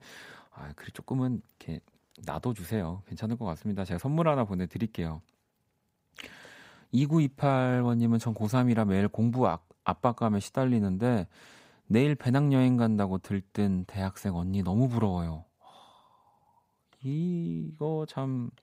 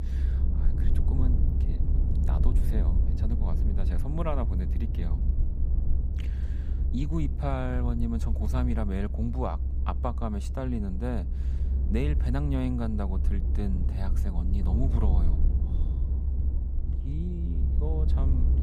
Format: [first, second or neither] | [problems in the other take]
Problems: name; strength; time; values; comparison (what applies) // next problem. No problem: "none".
first | low rumble; loud; throughout; 7 dB below the speech